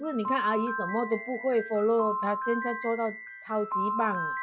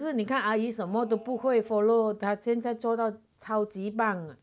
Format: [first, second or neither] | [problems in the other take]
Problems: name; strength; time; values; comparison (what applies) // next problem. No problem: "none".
second | noise reduction (classical method log-MMSE)